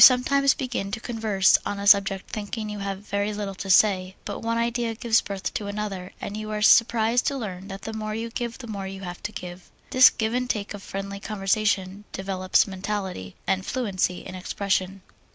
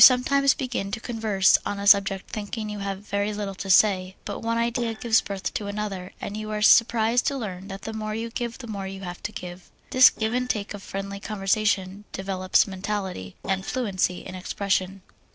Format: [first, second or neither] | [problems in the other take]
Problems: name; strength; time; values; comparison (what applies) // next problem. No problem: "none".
first | noise reduction (neural separator model SepFormer DNS4)